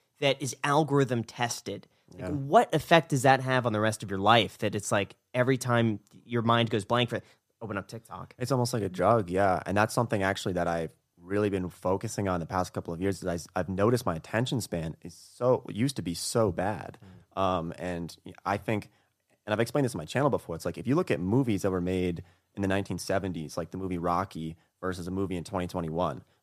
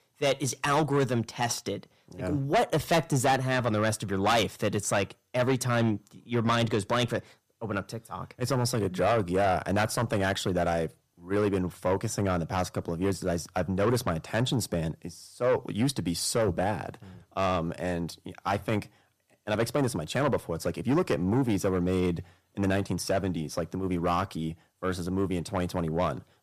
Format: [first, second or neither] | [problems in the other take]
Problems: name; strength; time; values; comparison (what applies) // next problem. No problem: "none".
first | distortion; heavy; 7 dB below the speech